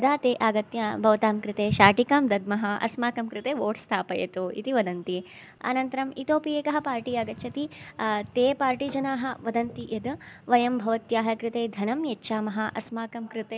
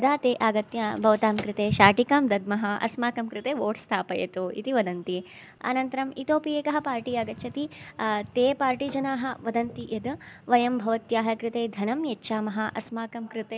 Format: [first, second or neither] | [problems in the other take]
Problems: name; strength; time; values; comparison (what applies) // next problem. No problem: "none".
first | background sound (Drawer open or close); 17 dB below the speech